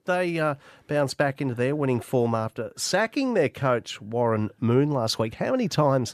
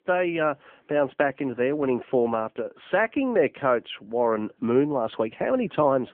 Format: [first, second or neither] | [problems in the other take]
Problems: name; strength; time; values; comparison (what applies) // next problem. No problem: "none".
first | phone-call audio